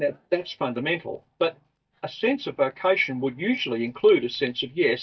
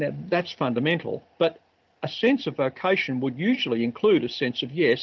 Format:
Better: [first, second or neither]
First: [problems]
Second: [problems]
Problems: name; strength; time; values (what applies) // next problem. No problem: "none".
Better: second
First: noise reduction (neural mask model DeepFilterNet 3)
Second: none